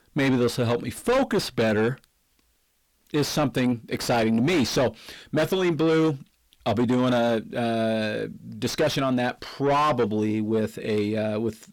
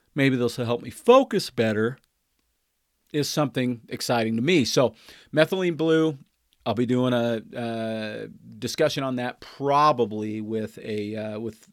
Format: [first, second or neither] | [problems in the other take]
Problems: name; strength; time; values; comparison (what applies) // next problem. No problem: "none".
second | distortion; heavy; 5 dB below the speech